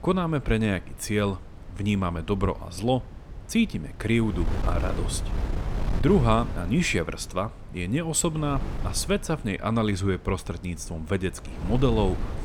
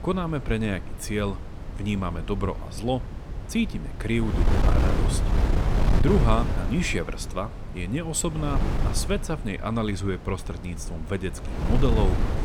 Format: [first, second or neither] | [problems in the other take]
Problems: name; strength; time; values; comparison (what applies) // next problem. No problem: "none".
first | wind noise on the microphone; heavy; 6 dB below the speech; occasional gusts in the first